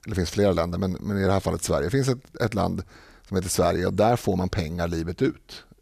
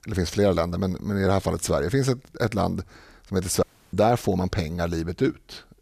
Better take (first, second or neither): first